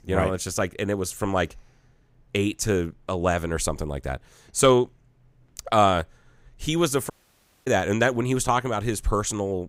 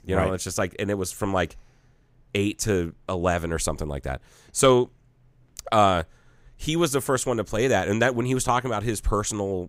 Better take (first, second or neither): second